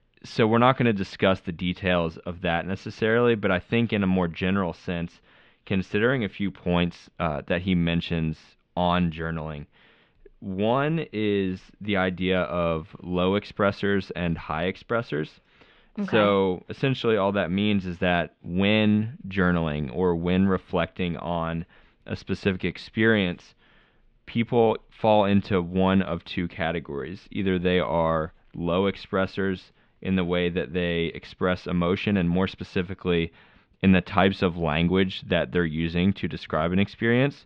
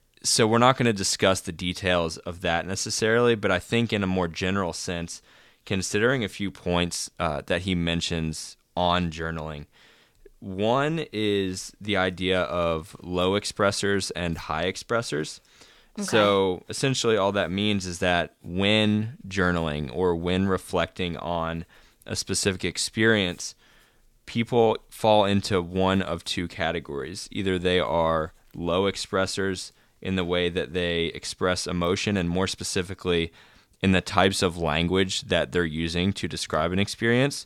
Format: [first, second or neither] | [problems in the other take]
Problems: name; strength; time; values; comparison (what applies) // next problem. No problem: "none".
second | muffled; very; fading above 3 kHz